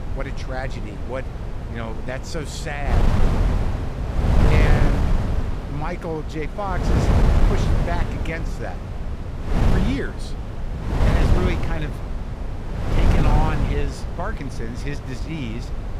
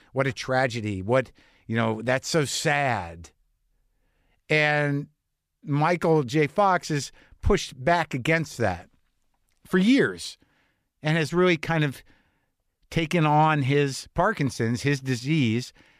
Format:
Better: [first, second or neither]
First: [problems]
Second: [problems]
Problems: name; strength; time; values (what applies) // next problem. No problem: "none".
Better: second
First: wind noise on the microphone; heavy; as loud as the speech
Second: none